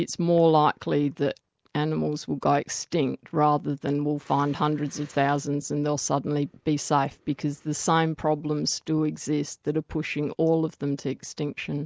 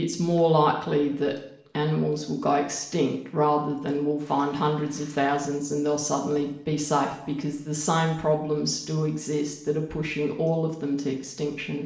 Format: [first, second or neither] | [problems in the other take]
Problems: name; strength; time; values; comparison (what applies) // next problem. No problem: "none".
first | room echo; dies away in 0.7 s